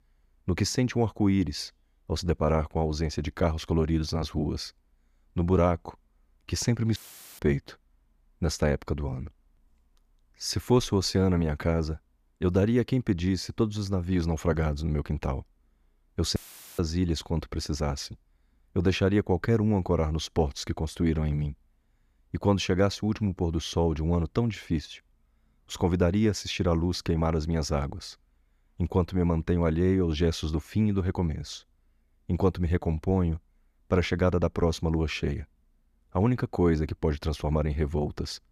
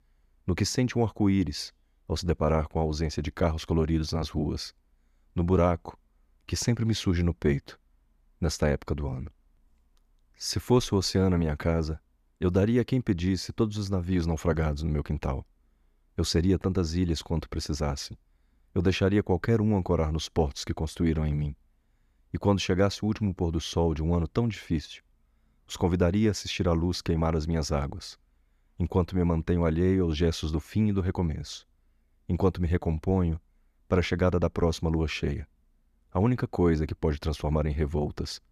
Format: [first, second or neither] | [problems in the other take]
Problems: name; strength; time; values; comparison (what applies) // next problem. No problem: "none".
second | audio cutting out; filled with static; at 7 s and at 16 s